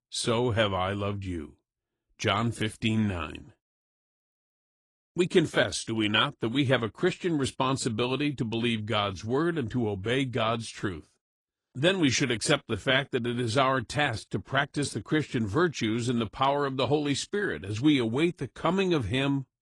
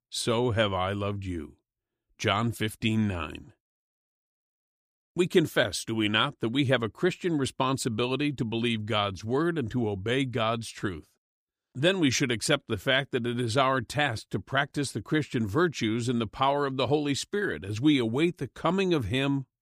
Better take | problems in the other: second | garbled, watery; slightly

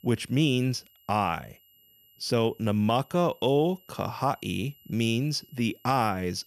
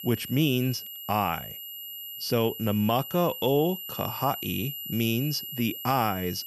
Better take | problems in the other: first | high-pitched whine; loud; throughout; 12 kHz, 8 dB below the speech; faint in the first

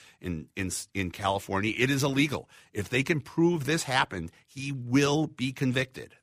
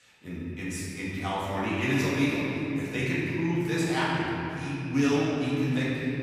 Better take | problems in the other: first | room echo; strong; dies away in 3 s // off-mic speech; far

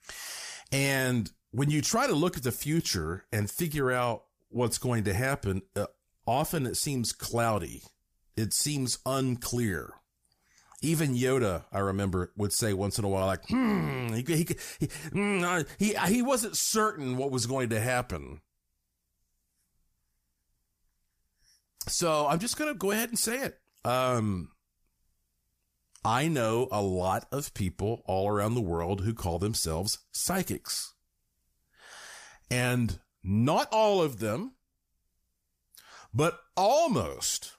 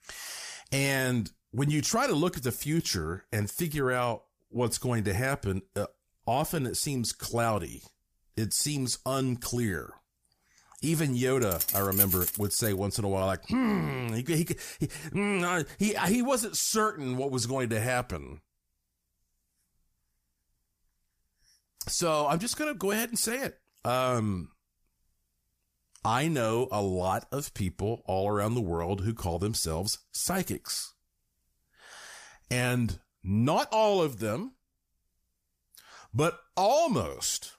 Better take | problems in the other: first | jangling keys; loud; from 11 to 13 s; peak 5 dB above the speech

